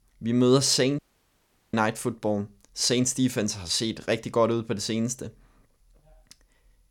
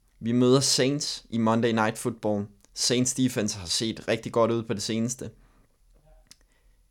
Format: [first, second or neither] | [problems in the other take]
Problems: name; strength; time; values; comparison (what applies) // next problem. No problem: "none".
second | audio cutting out; at 1 s for 0.5 s